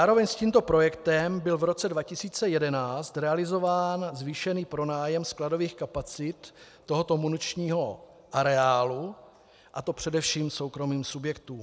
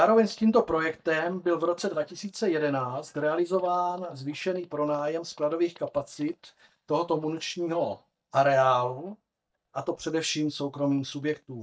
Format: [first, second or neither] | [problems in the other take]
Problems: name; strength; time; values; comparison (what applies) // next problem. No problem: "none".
first | noise reduction (neural mask model DeepFilterNet 3)